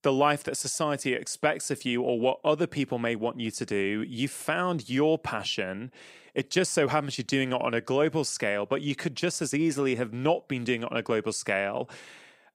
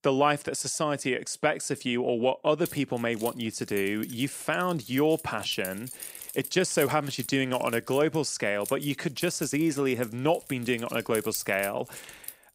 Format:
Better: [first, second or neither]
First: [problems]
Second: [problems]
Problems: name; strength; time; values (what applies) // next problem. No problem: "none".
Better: first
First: none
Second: jangling keys; noticeable; from 2.5 s on; peak 7 dB below the speech